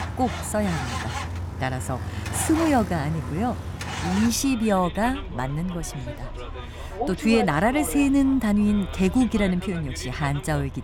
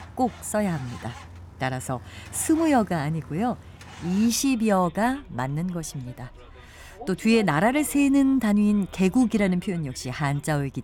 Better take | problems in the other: second | traffic noise; loud; throughout; 9 dB below the speech; faint in the second

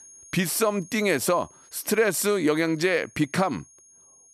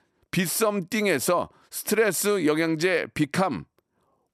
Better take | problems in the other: second | high-pitched whine; faint; throughout; 6.5 kHz, 25 dB below the speech

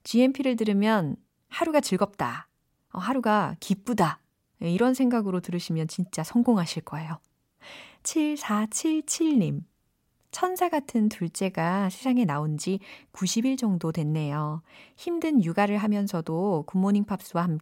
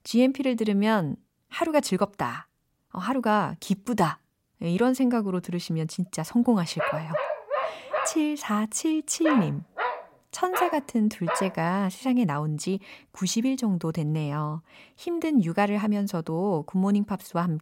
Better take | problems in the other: first | dog barking; noticeable; from 7 to 12 s; peak 2 dB below the speech

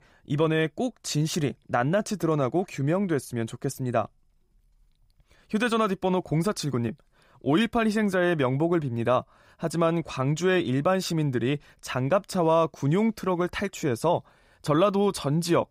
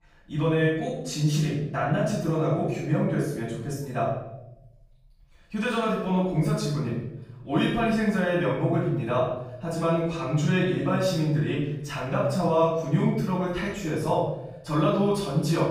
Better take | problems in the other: first | off-mic speech; far // room echo; noticeable; dies away in 0.8 s

